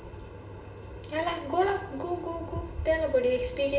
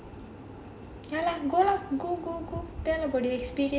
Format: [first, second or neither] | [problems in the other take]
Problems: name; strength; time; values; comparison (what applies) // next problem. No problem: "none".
second | room echo; dies away in 1.4 s